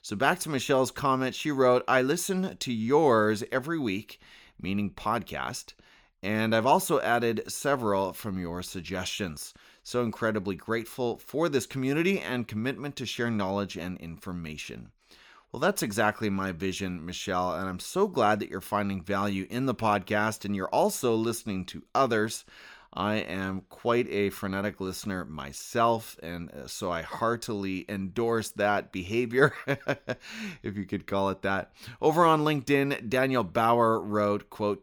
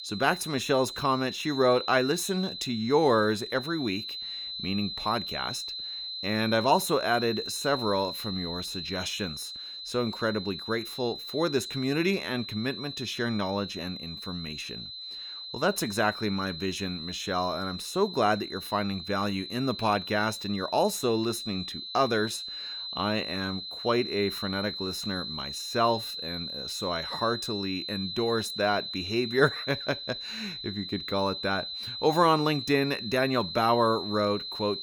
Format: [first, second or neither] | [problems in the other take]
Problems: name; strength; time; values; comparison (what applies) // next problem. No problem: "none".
first | high-pitched whine; loud; throughout; 4 kHz, 7 dB below the speech